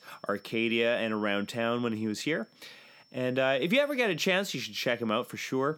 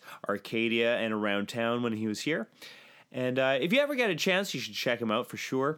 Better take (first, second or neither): second